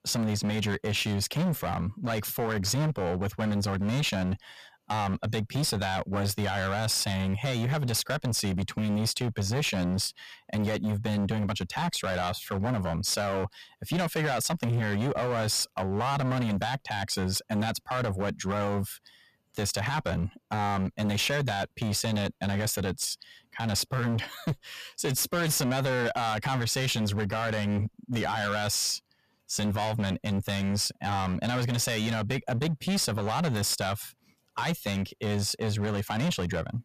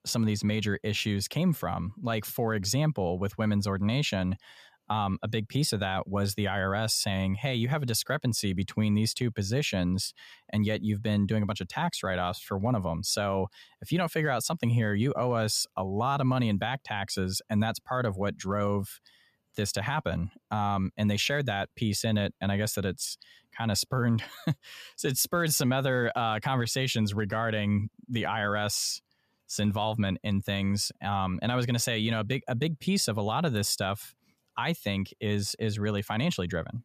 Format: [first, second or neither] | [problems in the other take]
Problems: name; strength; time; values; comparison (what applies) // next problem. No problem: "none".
second | distortion; heavy; 19% of the sound clipped